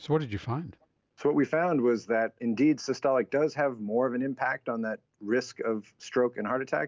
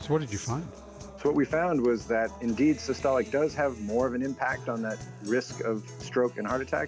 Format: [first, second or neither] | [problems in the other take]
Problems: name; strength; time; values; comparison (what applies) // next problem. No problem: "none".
first | background sound (Guitar); 15 dB below the speech